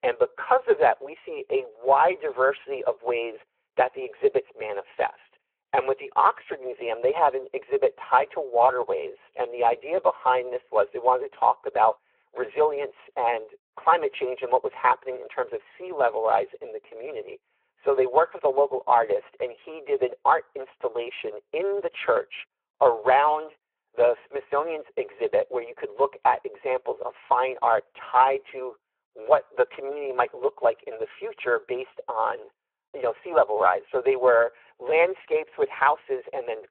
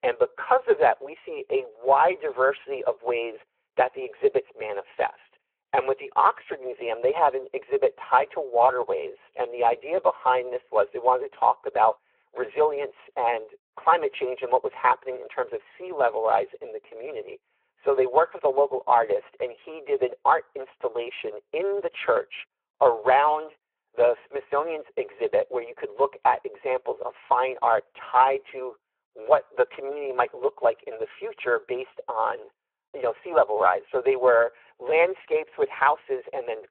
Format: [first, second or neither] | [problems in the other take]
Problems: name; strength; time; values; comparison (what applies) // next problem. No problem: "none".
neither | phone-call audio; the same in both